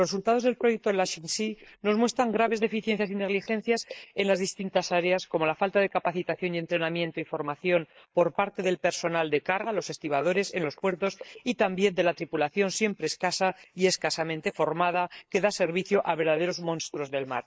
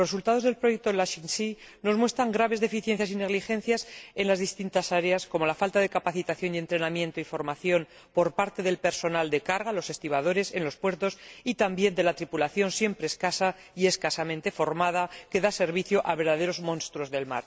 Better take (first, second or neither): second